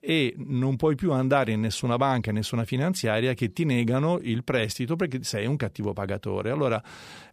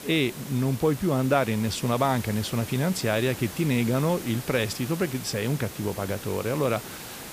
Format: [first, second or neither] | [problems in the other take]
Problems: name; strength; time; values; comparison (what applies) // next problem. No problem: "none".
first | hiss; noticeable; throughout; 10 dB below the speech